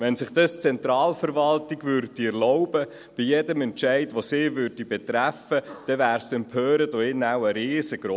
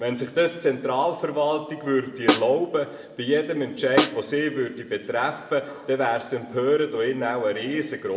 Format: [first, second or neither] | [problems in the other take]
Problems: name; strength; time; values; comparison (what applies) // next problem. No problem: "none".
first | background sound (Snare drum); 1 dB below the speech // room echo; dies away in 1.1 s